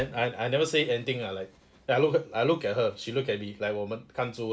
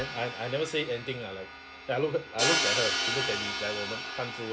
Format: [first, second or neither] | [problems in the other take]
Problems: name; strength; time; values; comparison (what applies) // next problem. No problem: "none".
first | background sound (Crash cymbal); as loud as the speech